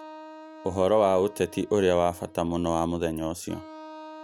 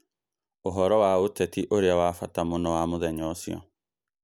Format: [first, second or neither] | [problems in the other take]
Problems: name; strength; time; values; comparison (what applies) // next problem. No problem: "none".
second | background sound (Wind instrument, woodwind instrument); 19 dB below the speech